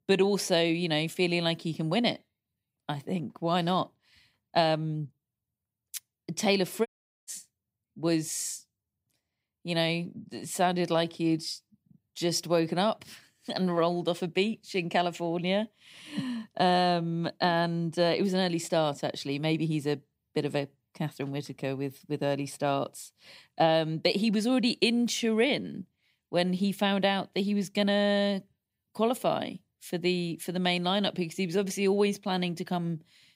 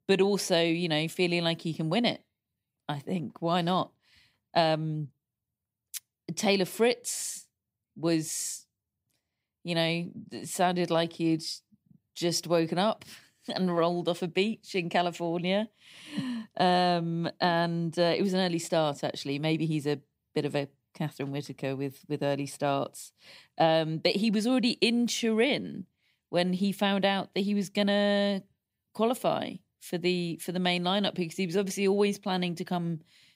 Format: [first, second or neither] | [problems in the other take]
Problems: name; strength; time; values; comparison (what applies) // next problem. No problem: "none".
second | audio cutting out; at 7 s